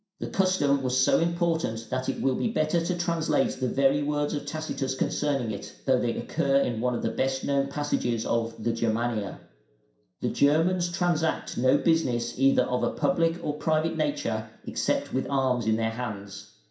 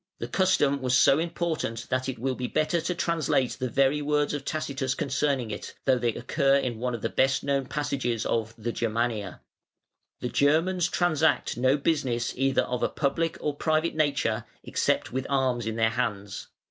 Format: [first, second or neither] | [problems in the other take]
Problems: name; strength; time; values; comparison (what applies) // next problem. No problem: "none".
second | room echo; dies away in 0.5 s